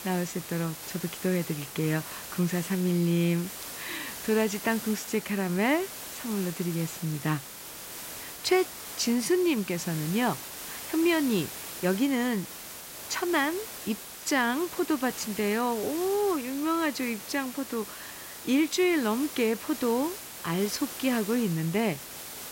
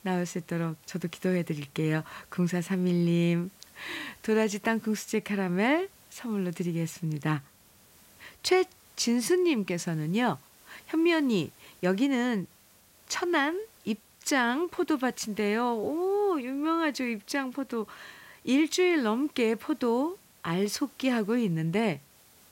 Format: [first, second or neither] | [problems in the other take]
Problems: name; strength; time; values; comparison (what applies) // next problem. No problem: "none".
second | hiss; loud; throughout; 10 dB below the speech; faint in the second